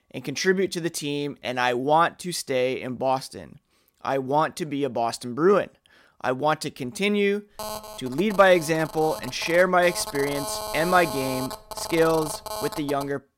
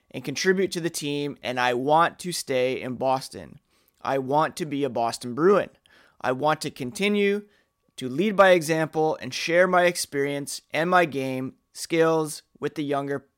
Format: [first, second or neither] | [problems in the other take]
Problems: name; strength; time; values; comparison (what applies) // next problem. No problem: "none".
second | phone ringing; noticeable; from 7.5 s on; peak 7 dB below the speech